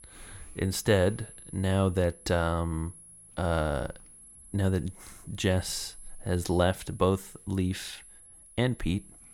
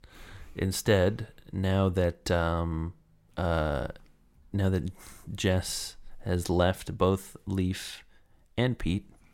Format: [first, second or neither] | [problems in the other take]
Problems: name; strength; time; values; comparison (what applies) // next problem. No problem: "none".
second | high-pitched whine; noticeable; throughout; 11 kHz, 20 dB below the speech